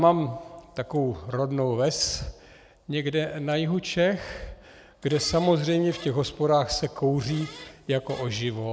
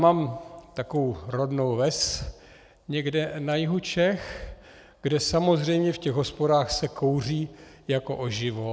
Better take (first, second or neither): second